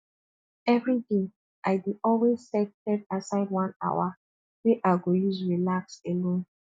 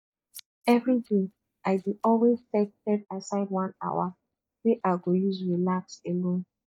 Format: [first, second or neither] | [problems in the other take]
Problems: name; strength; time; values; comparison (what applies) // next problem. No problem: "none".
first | noise reduction (neural mask model DeepFilterNet 3)